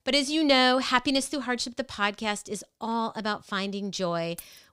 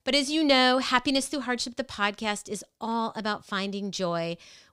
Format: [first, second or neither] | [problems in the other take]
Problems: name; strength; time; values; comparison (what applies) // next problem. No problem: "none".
second | jangling keys; faint; at 4.5 s; peak 20 dB below the speech